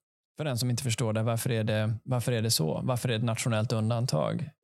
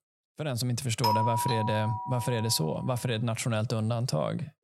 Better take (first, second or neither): first